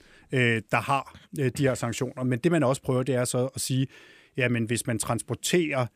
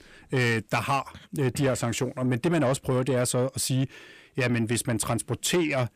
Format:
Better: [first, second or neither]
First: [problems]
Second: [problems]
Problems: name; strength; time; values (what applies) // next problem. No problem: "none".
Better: first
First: none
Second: distortion; slight; 10 dB below the speech